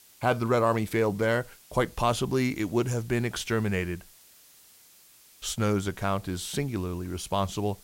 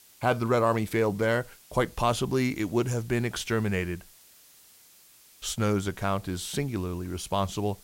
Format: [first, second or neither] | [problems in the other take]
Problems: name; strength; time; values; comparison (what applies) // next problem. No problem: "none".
neither | hiss; faint; throughout; 25 dB below the speech; the same in both